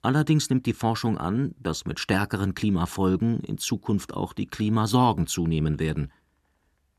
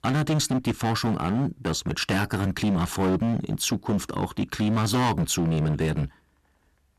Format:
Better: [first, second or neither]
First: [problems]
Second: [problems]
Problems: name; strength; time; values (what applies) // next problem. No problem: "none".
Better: first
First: none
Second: distortion; heavy; 17% of the sound clipped